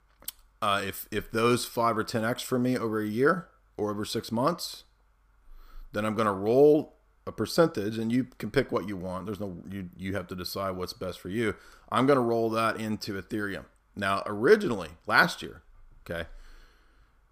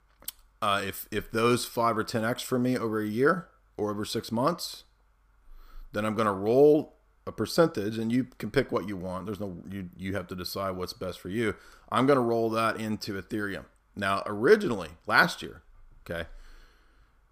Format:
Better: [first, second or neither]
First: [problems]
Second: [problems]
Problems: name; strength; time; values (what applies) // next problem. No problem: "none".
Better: neither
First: none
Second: none